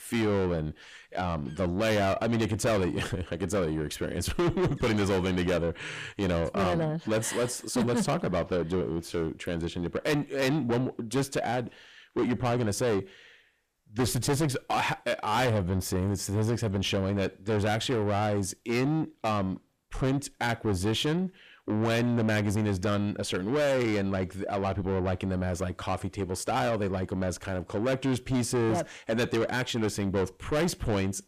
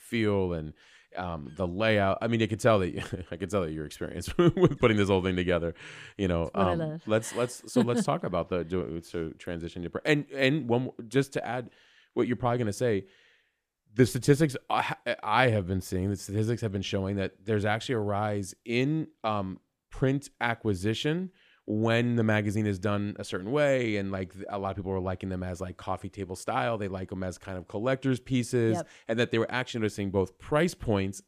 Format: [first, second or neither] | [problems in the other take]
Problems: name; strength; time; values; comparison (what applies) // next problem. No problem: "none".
second | distortion; heavy; 6 dB below the speech